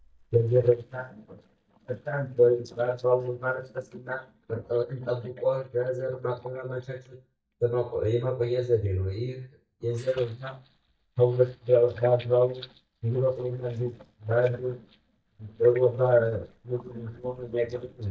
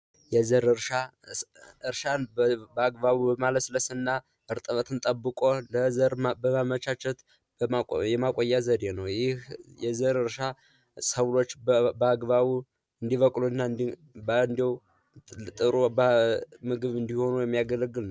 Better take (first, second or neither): second